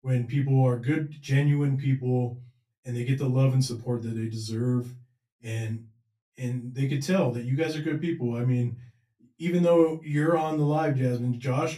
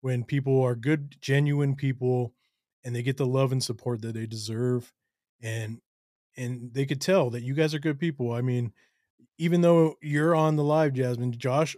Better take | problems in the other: second | off-mic speech; far // room echo; very slight; dies away in 0.2 s

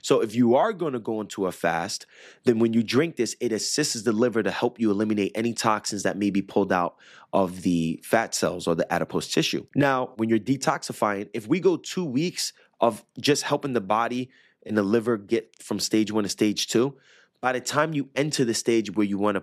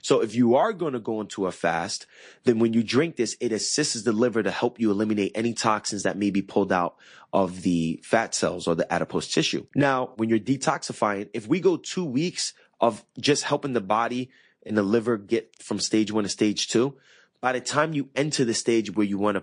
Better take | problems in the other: first | garbled, watery; slightly; nothing above 10 kHz

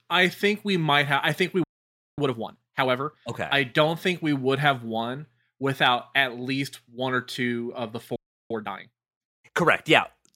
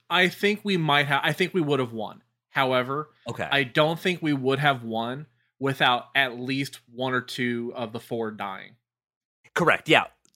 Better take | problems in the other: second | audio freezing; at 1.5 s for 0.5 s and at 8 s

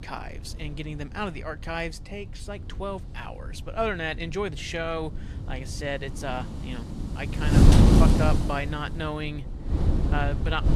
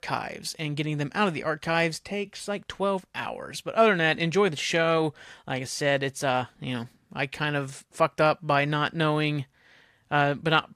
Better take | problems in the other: second | wind noise on the microphone; heavy; 1 dB above the speech

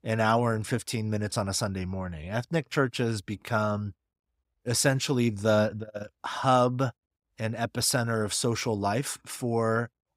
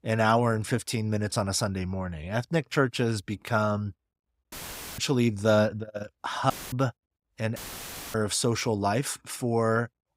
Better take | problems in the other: first | audio cutting out; filled with static; at 4.5 s, at 6.5 s and at 7.5 s for 0.5 s

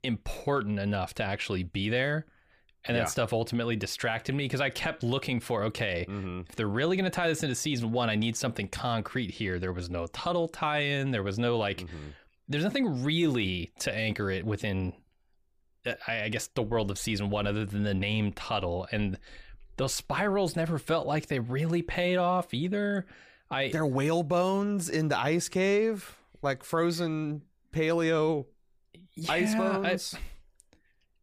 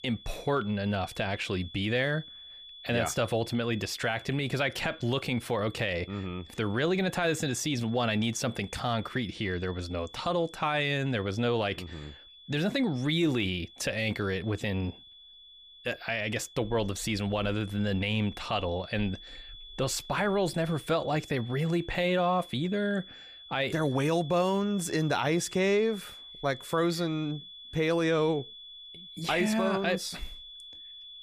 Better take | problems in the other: first | high-pitched whine; noticeable; throughout; 3.5 kHz, 15 dB below the speech

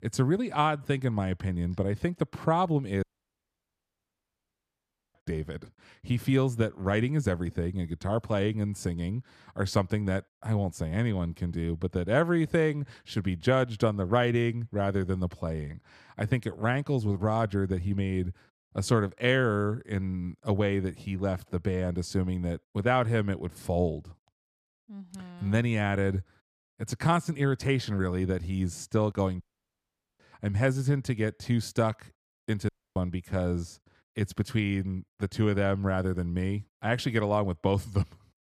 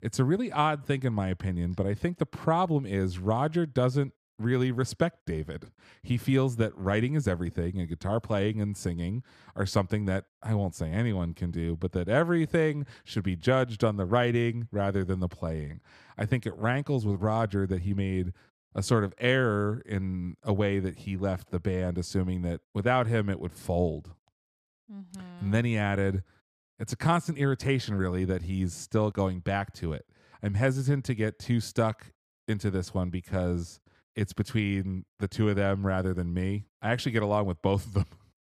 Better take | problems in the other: second | audio cutting out; at 3 s for 2 s, at 29 s for 1 s and at 33 s

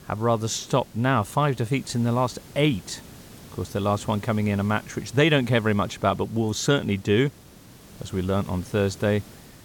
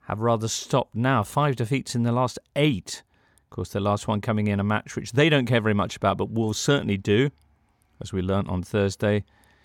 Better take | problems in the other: second | hiss; faint; throughout; 20 dB below the speech

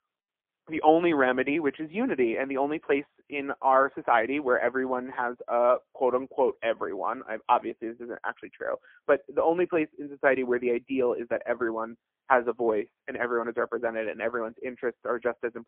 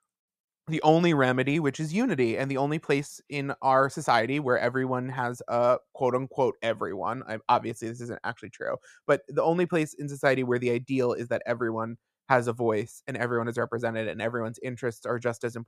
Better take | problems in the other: second | phone-call audio; poor line; nothing above 3.5 kHz

